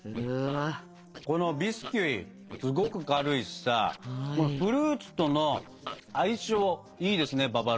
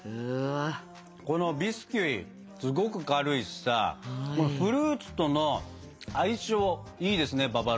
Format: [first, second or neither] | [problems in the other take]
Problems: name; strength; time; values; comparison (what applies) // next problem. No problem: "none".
second | noise reduction (neural separator model SepFormer DNS4)